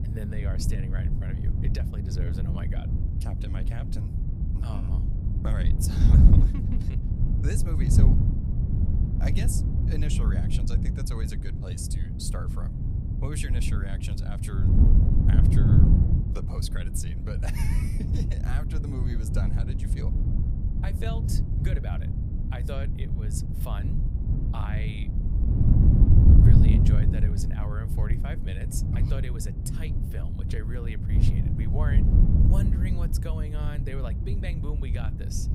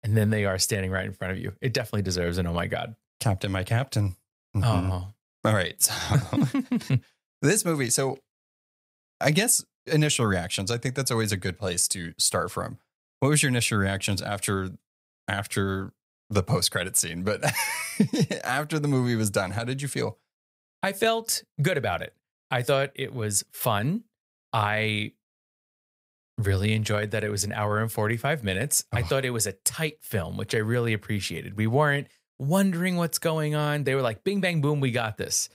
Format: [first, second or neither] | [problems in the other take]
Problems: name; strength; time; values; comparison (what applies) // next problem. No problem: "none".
second | wind noise on the microphone; heavy; 2 dB above the speech